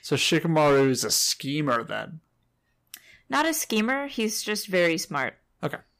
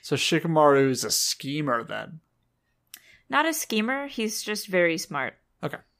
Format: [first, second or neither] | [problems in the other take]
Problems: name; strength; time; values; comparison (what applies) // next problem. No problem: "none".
second | distortion; slight; 3% of the sound clipped